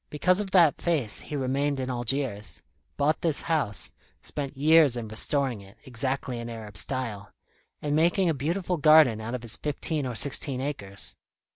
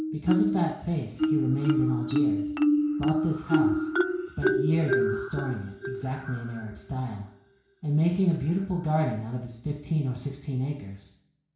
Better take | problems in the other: first | background sound (Marimba, xylophone); as loud as the speech // room echo; dies away in 0.6 s

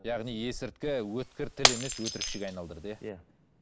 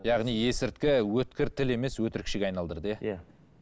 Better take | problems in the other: second | background sound (Shatter); 2 dB above the speech

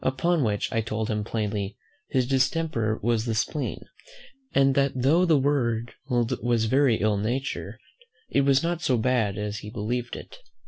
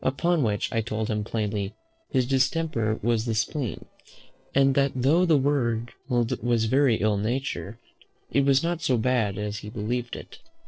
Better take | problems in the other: first | noise reduction (neural separator model SepFormer DNS4)

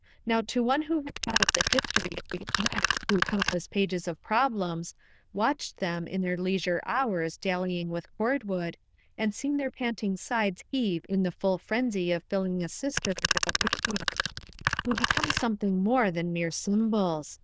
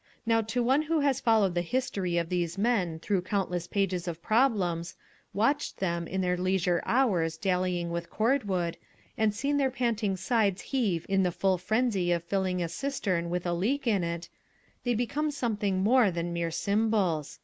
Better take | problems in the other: second | noise reduction (neural diffusion model UNIVERSE++)

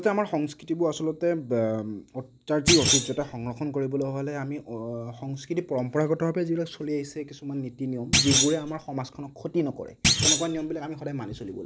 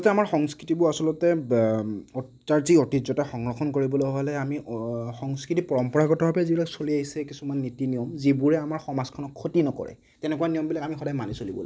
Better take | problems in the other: second | background sound (Thump, thud); 3 dB above the speech

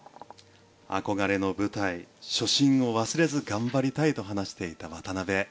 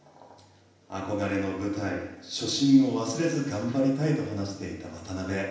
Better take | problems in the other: first | room echo; dies away in 0.9 s

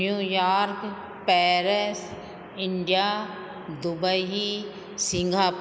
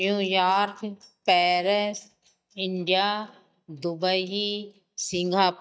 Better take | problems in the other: first | noise reduction (neural mask model DeepFilterNet 3)

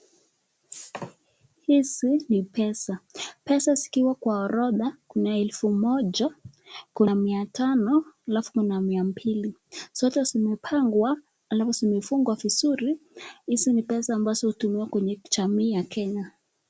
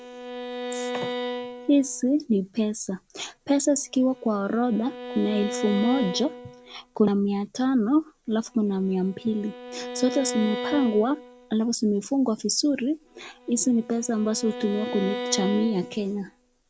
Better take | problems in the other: first | background sound (Bowed string instrument); 10 dB below the speech

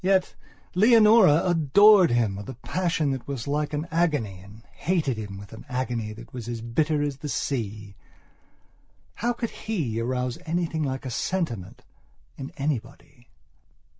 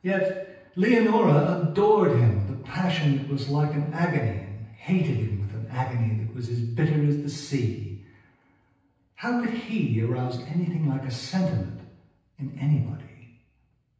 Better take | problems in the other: first | room echo; dies away in 0.9 s

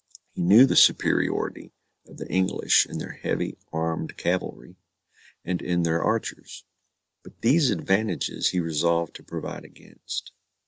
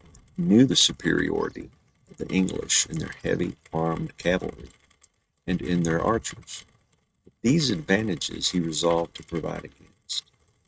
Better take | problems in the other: first | noise reduction (neural mask model RNNoise)

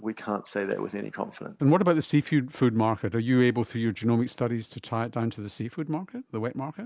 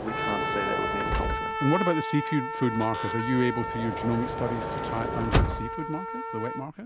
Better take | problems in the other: first | background sound (Sliding door / Motor vehicle (road) + Trumpet); as loud as the speech

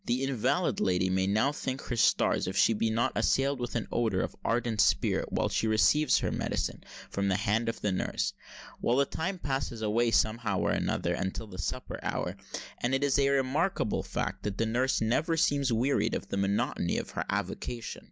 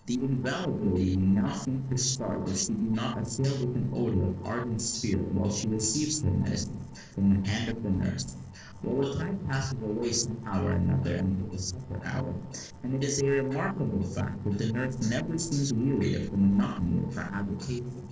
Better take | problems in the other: first | noise reduction (neural separator model SepFormer DNS4)

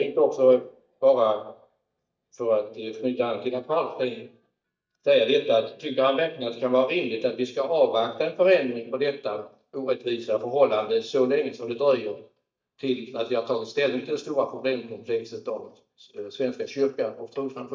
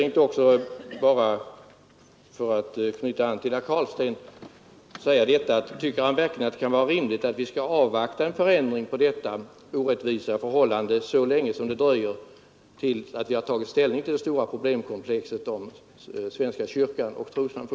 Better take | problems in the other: second | noise reduction (neural mask model DeepFilterNet 3)

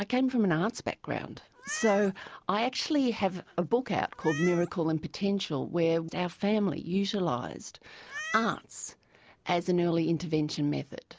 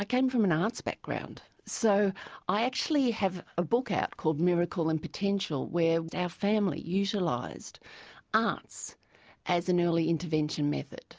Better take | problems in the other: second | background sound (Meow); 15 dB below the speech

